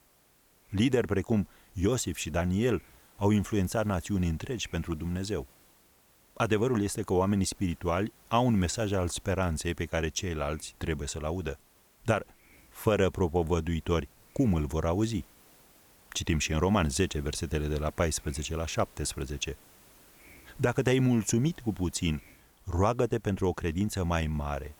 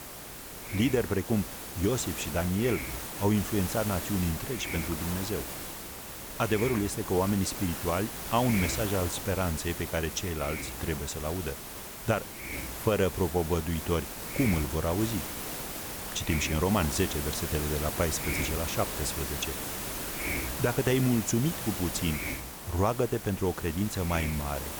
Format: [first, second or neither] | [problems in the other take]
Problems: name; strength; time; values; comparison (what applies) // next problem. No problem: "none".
first | hiss; loud; throughout; 5 dB below the speech; faint in the first